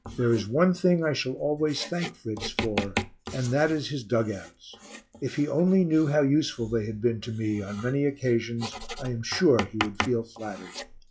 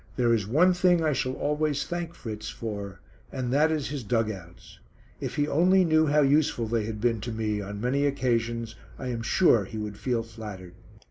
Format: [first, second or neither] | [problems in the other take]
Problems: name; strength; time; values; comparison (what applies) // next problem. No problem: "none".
second | noise reduction (classical method log-MMSE)